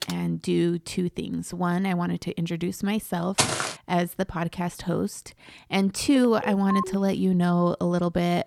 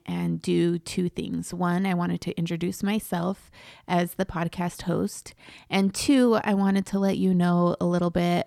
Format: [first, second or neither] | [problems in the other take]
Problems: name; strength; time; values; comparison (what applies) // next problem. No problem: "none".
second | keyboard typing; noticeable; at the start; peak 10 dB below the speech // footsteps; loud; at 3.5 s; peak 2 dB above the speech // phone ringing; noticeable; at 6 s; peak 5 dB below the speech